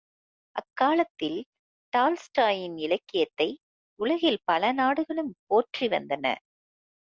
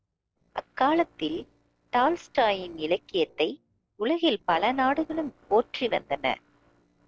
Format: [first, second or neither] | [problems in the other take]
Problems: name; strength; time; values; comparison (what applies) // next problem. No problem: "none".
first | noise reduction (neural separator model SepFormer DNS4)